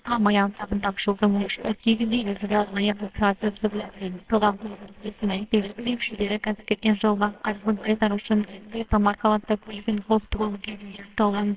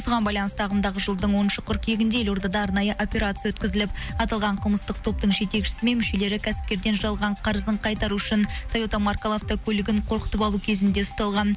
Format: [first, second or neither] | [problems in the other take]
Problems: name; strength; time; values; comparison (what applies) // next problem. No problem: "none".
second | noise reduction (neural separator model SepFormer WHAMR!)